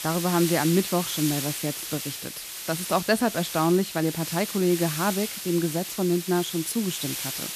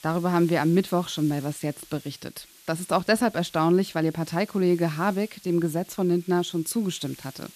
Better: second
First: hiss; loud; throughout; 5 dB below the speech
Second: hiss; faint; throughout; 20 dB below the speech

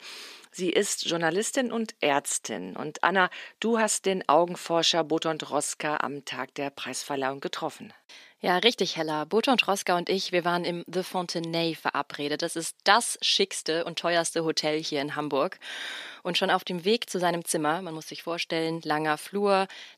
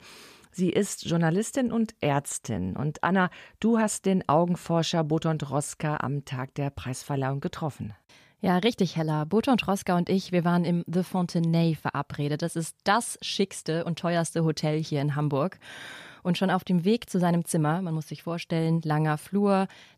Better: second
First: thin; somewhat; fading below 300 Hz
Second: none

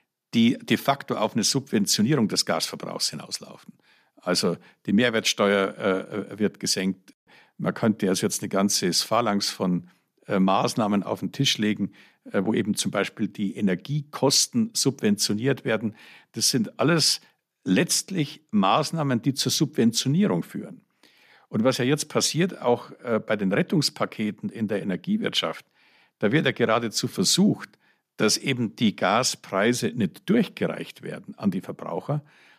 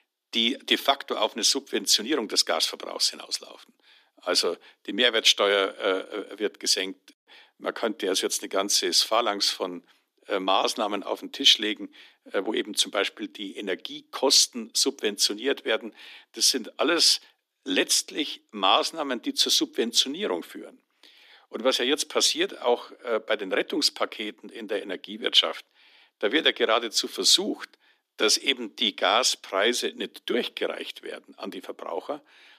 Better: first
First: none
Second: thin; somewhat; fading below 300 Hz

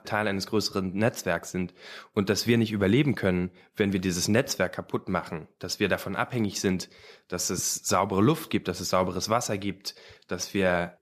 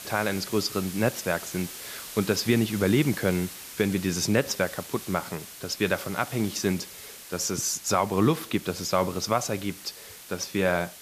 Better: first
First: none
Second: hiss; noticeable; throughout; 10 dB below the speech

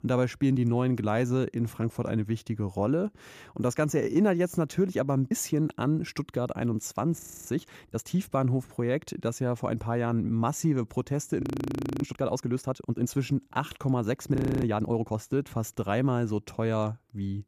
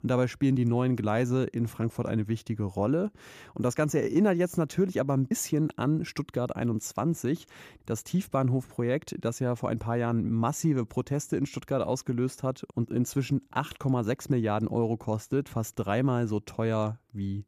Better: second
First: audio freezing; at 7 s, at 11 s for 0.5 s and at 14 s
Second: none

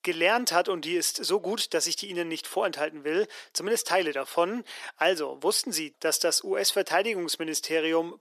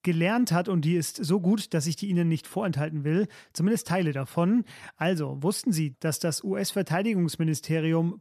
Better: second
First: thin; very; fading below 350 Hz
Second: none

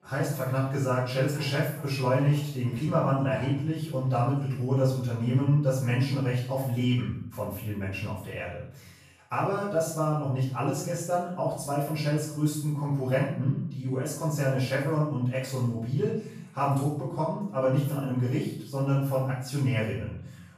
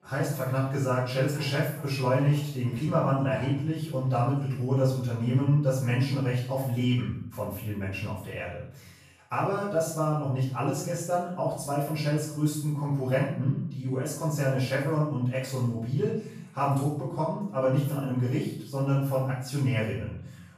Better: neither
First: room echo; noticeable; dies away in 0.6 s // off-mic speech; far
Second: room echo; noticeable; dies away in 0.6 s // off-mic speech; far

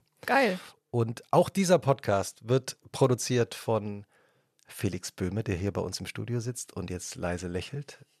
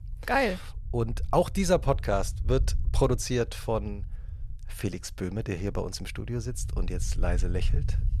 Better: first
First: none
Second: low rumble; faint; throughout; 25 dB below the speech

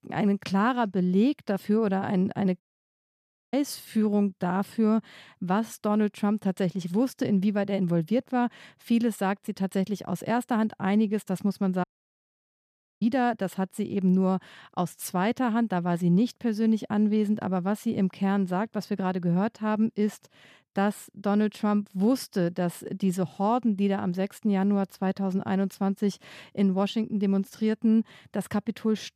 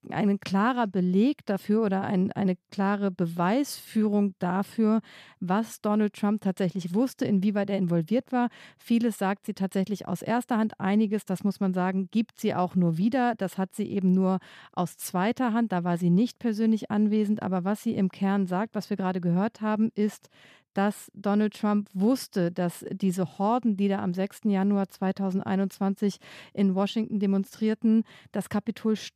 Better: second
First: audio cutting out; at 2.5 s for 1 s and at 12 s for 1 s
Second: none

